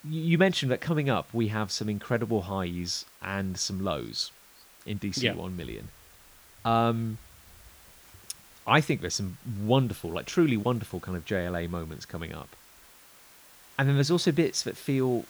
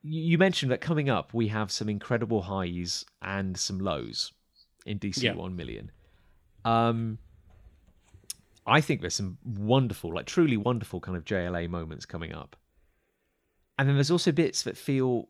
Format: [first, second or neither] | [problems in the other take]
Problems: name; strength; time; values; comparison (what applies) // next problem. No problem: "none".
second | hiss; faint; throughout; 25 dB below the speech